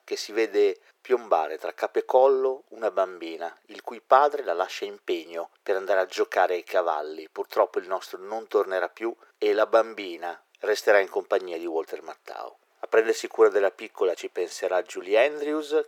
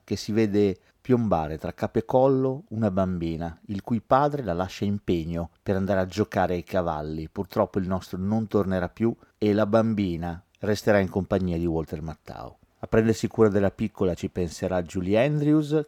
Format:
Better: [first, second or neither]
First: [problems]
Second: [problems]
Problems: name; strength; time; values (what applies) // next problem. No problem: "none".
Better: second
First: thin; very; fading below 400 Hz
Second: none